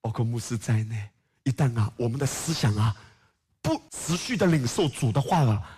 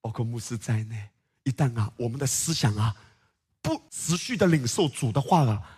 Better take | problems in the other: second | distortion; slight; 10 dB below the speech

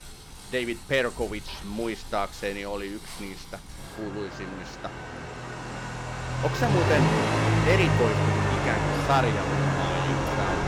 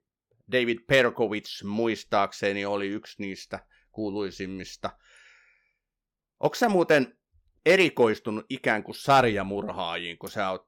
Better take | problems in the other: second | traffic noise; very loud; throughout; 4 dB above the speech

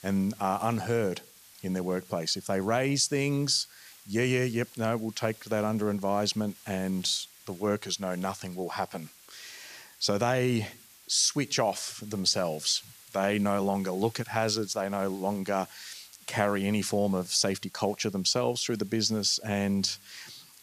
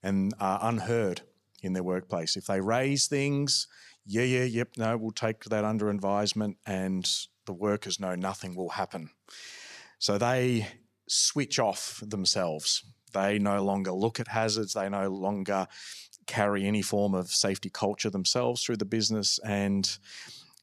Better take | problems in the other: second | hiss; faint; throughout; 20 dB below the speech

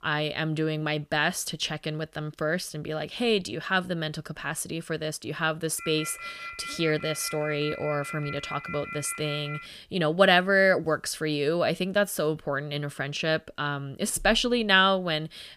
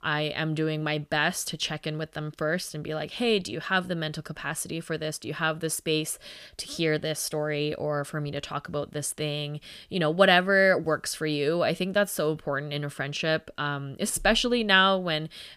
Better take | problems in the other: second | phone ringing; faint; from 6 to 9.5 s; peak 10 dB below the speech

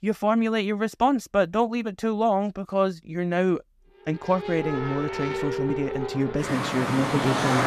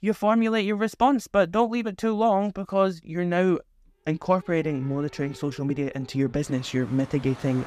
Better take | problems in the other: second | traffic noise; loud; from 4.5 s on; 3 dB below the speech; faint in the second

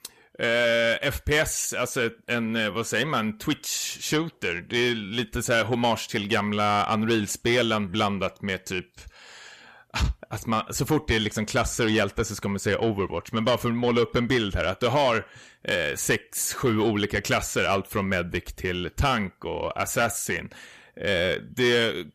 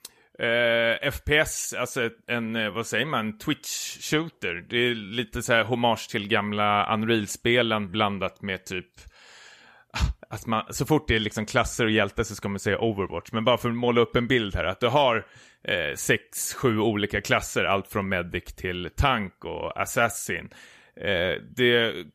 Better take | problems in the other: second | distortion; slight; 10 dB below the speech

